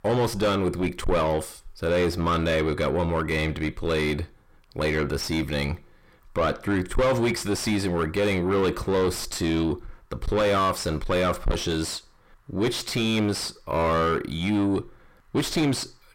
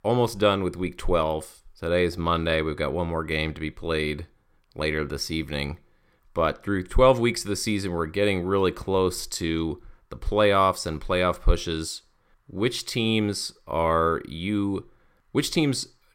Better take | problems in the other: second | distortion; heavy; 5 dB below the speech

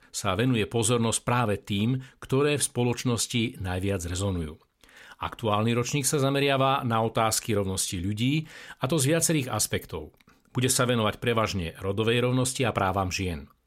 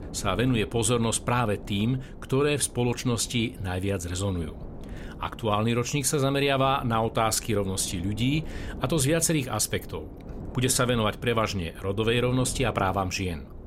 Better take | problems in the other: first | wind noise on the microphone; occasional gusts; 20 dB below the speech

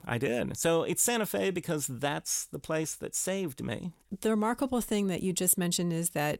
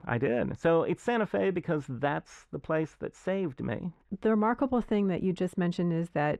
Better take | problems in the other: first | muffled; very; fading above 1.5 kHz

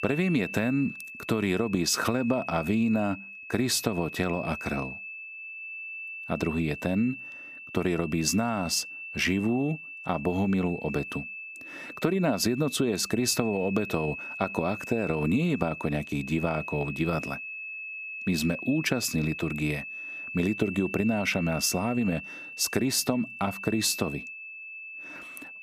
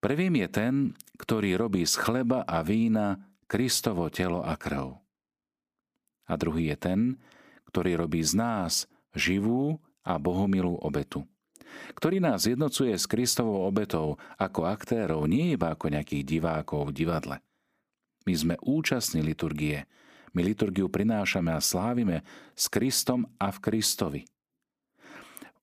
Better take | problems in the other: second | high-pitched whine; loud; throughout; 2.5 kHz, 9 dB below the speech

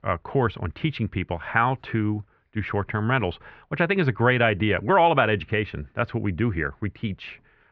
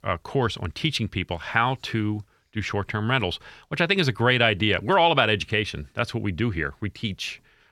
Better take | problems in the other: second | muffled; very; fading above 2 kHz

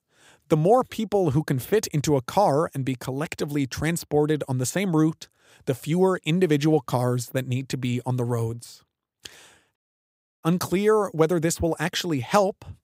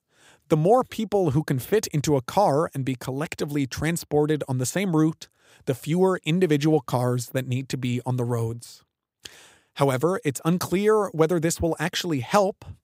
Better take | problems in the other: second | audio cutting out; at 10 s for 0.5 s

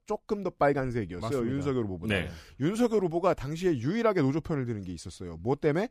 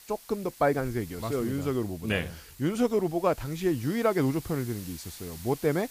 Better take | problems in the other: first | hiss; noticeable; throughout; 15 dB below the speech

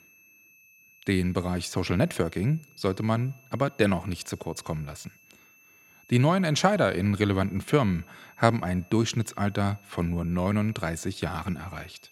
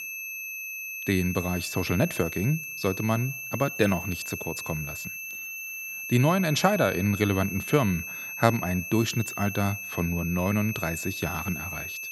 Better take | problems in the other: first | high-pitched whine; loud; throughout; 2.5 kHz, 7 dB below the speech; faint in the first

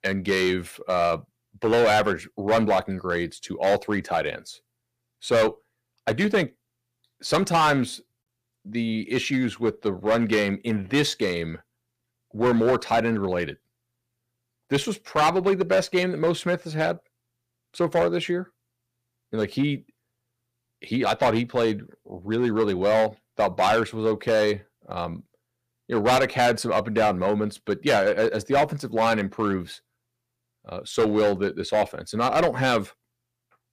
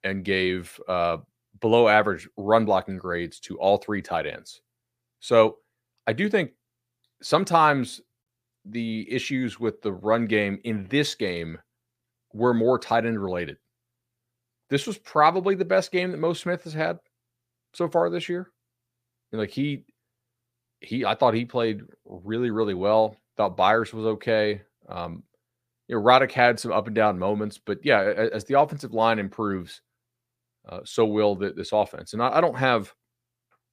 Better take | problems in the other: second | distortion; heavy; 6% of the sound clipped

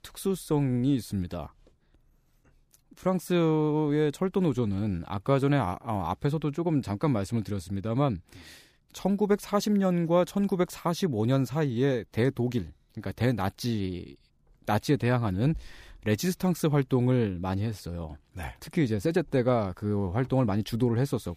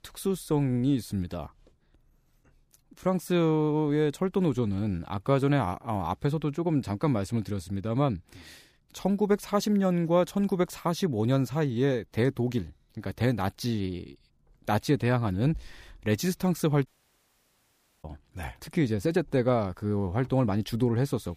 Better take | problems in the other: first | audio cutting out; at 17 s for 1 s

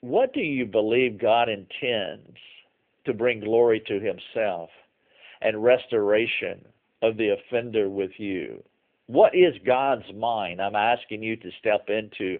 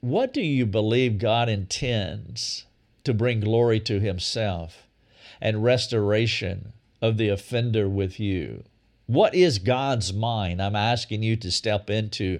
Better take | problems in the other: second | phone-call audio

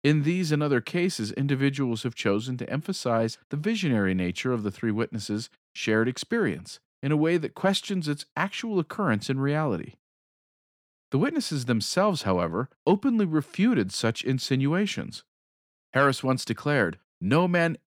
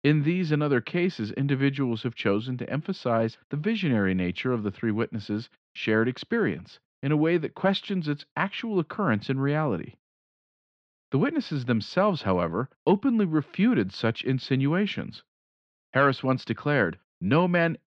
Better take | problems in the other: first | muffled; slightly; fading above 4 kHz

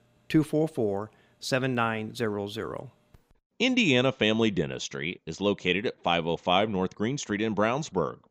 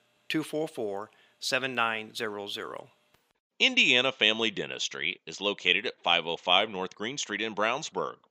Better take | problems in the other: first | thin; somewhat; fading below 800 Hz

